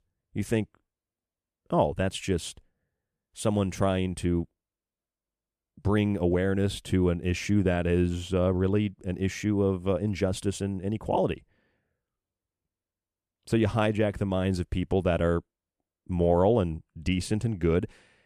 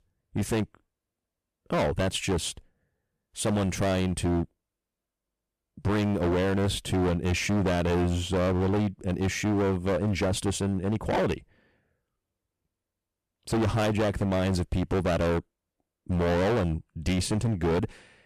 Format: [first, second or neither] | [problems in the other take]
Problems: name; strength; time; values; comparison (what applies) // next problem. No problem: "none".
first | distortion; heavy; 19% of the sound clipped